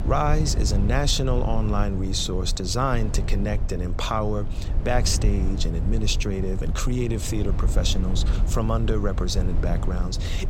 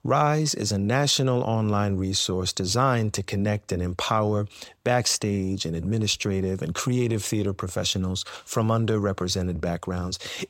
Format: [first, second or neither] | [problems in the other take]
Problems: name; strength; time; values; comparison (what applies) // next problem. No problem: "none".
second | low rumble; noticeable; throughout; 10 dB below the speech